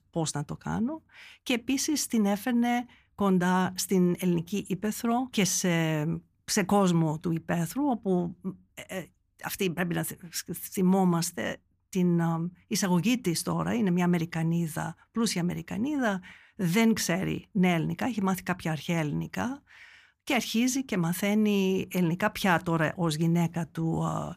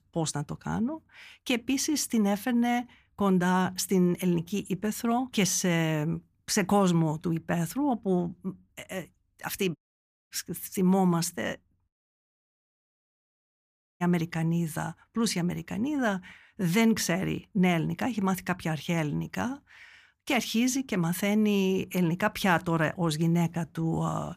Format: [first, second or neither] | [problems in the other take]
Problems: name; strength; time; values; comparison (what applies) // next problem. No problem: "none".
first | audio cutting out; at 10 s for 0.5 s and at 12 s for 2 s